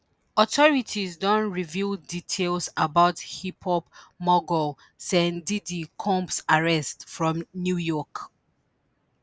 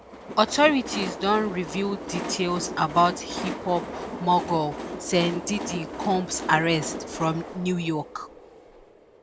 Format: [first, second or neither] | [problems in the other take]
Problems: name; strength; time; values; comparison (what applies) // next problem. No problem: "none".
first | background sound (Train); 9 dB below the speech